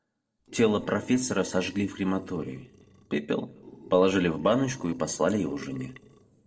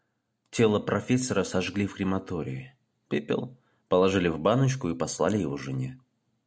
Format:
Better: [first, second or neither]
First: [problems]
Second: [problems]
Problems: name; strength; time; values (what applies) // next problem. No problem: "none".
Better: second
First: noise reduction (neural separator model SepFormer DNS4)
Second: none